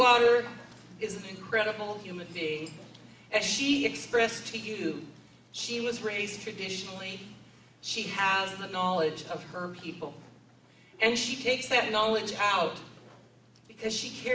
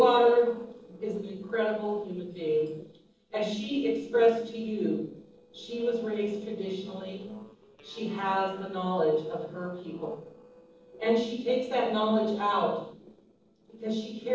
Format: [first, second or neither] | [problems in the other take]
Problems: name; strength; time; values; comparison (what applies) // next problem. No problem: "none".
first | noise reduction (neural separator model SepFormer DNS4)